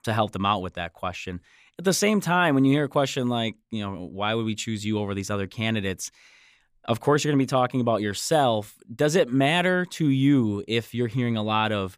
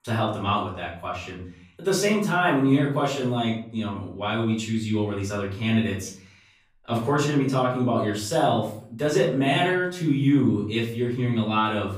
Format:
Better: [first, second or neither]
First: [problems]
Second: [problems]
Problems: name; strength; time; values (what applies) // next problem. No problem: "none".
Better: first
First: none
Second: off-mic speech; far // room echo; noticeable; dies away in 0.5 s